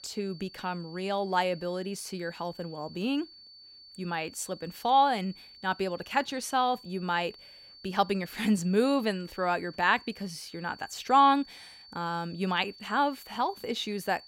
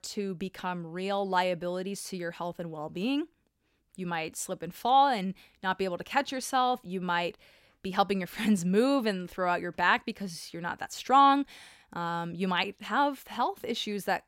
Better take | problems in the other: second | high-pitched whine; noticeable; throughout; 4.5 kHz, 20 dB below the speech

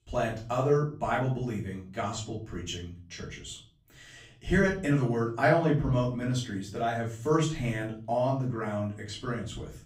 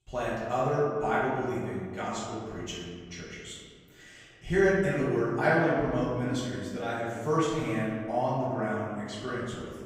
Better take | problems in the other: first | room echo; strong; dies away in 1.7 s; slight in the first // off-mic speech; far; far in the first

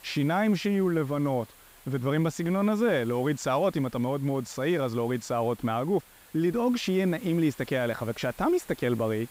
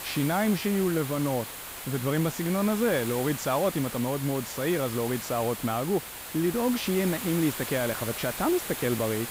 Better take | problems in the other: first | hiss; loud; throughout; 7 dB below the speech; faint in the first

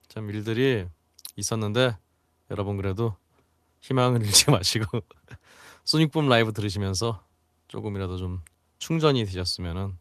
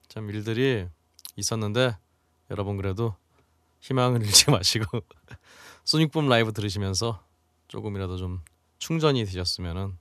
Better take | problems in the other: second | garbled, watery; slightly; nothing above 13.5 kHz

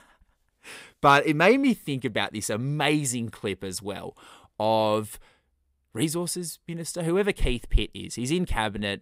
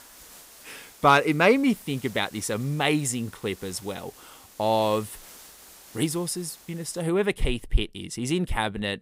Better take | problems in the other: first | hiss; faint; until 7 s; 20 dB below the speech

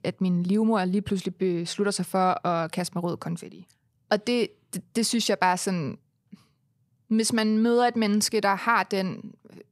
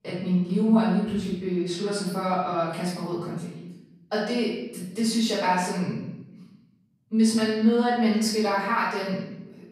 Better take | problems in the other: first | off-mic speech; far // room echo; noticeable; dies away in 0.8 s

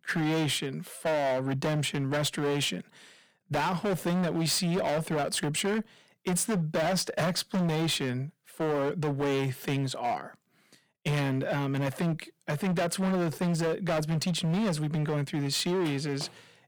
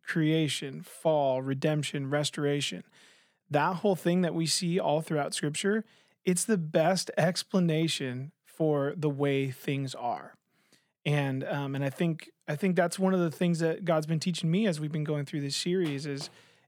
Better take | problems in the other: second | distortion; heavy; 22% of the sound clipped

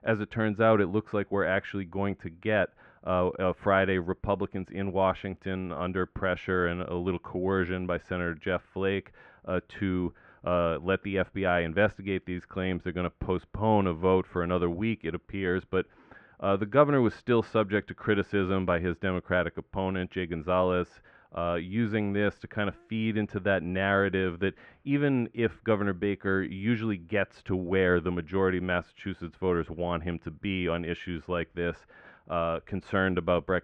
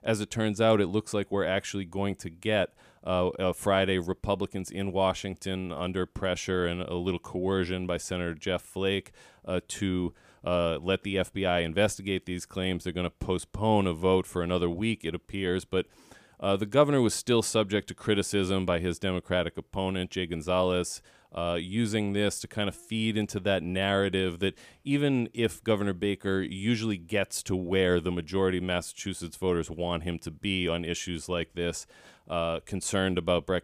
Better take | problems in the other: second | muffled; very; fading above 2.5 kHz

